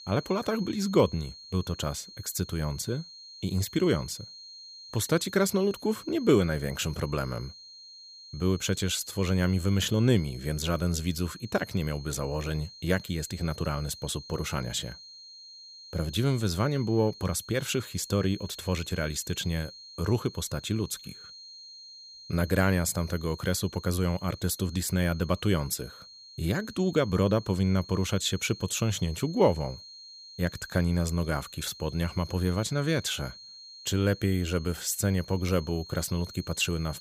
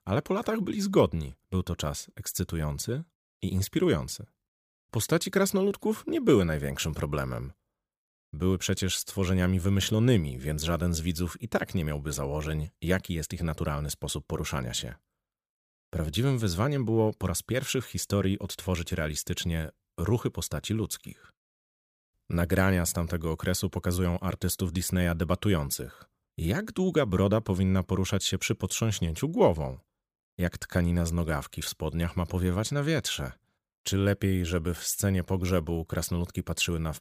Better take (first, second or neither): second